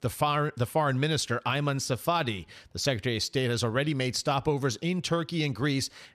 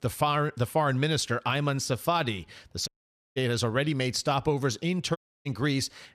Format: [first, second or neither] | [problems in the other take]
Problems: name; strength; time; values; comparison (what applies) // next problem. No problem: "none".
first | audio cutting out; at 3 s and at 5 s